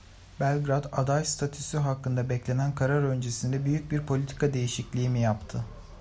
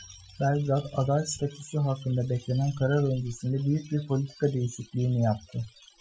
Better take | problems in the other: first | noise reduction (classical method Wiener filter)

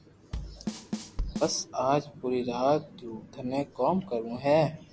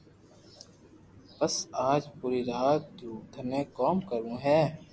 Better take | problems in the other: second | background sound (Bass drum / Snare drum / Drum kit); 7 dB below the speech

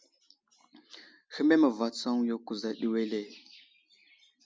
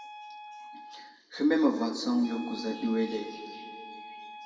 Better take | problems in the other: first | background sound (Wind instrument, woodwind instrument); 15 dB below the speech // room echo; dies away in 2.1 s

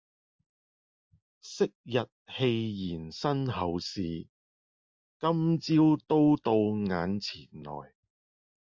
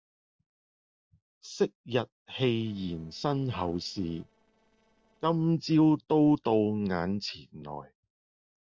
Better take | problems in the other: first | noise reduction (neural separator model SepFormer DNS4)

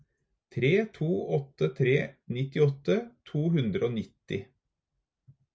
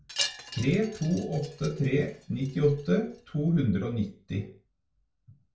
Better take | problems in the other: first | background sound (Wind chime); 11 dB below the speech // room echo; dies away in 0.3 s

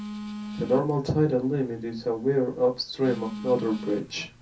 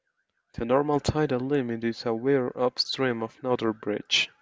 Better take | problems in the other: second | background sound (Telephone); 12 dB below the speech // room echo; dies away in 0.3 s

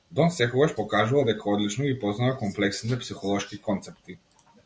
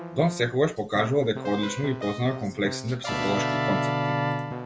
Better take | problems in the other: first | background sound (Keyboard (musical)); 3 dB below the speech

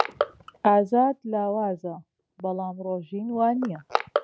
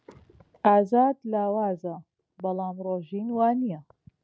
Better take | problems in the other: second | background sound (Crushing); 7 dB below the speech

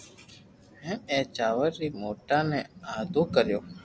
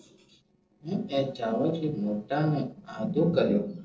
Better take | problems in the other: first | noise reduction (neural separator model SepFormer DNS4)

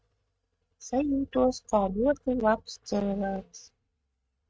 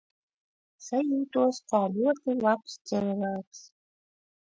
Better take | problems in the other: second | noise reduction (neural mask model RNNoise)

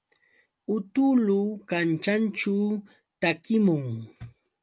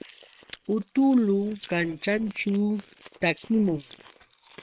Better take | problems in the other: first | noise reduction (neural separator model SepFormer WHAM!)

